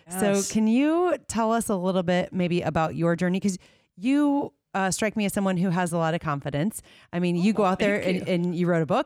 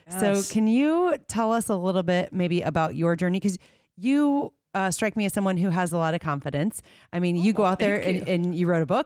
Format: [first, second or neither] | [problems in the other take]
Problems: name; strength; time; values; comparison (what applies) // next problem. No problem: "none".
first | garbled, watery; slightly